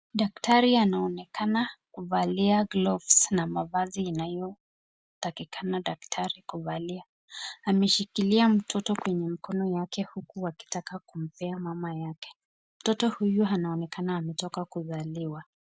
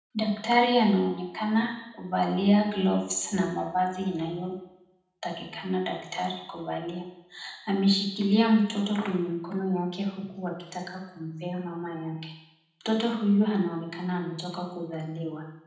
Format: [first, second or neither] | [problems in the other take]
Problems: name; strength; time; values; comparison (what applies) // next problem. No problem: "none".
first | room echo; dies away in 0.8 s